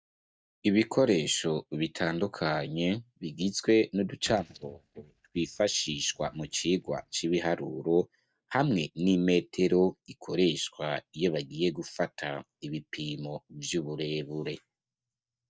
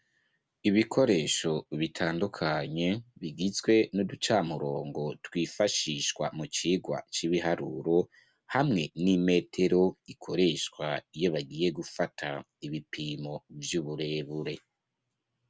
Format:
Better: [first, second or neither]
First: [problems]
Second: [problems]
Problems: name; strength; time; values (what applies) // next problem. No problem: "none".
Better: second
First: noise reduction (neural mask model DeepFilterNet 3)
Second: none